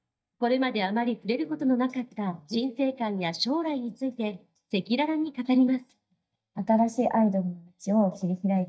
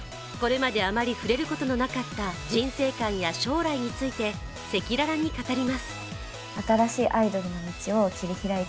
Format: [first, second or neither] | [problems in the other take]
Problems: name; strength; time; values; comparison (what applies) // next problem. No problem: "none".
second | noise reduction (neural mask model DeepFilterNet 3)